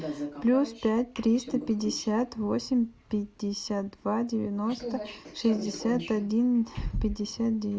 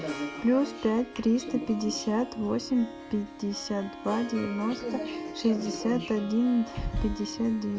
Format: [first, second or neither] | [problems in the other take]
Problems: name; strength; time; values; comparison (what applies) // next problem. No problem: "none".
first | background sound (Harp); 12 dB below the speech